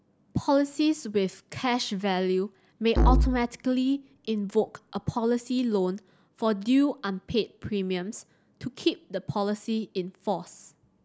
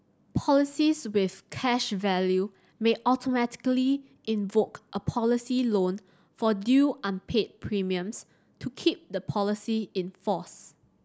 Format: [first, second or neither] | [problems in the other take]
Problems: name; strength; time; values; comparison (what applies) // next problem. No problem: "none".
second | background sound (Musical instrument); as loud as the speech